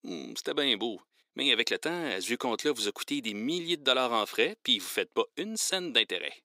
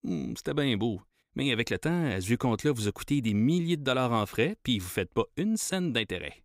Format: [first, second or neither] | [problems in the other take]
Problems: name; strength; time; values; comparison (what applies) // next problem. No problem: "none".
second | thin; somewhat; fading below 350 Hz